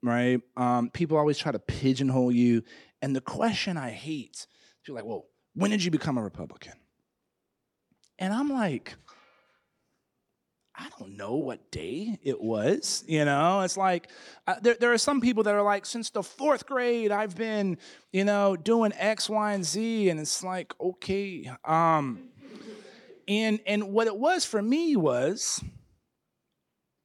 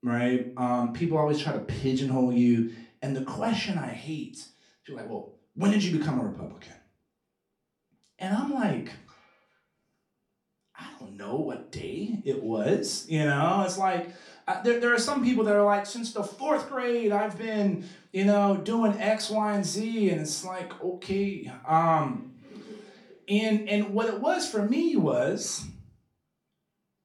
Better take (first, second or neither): first